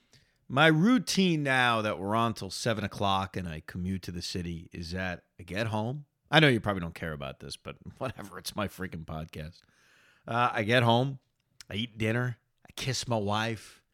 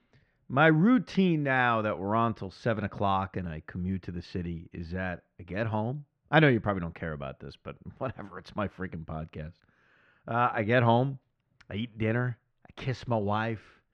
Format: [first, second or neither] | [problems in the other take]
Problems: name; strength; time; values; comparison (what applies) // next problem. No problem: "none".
first | muffled; very; fading above 2 kHz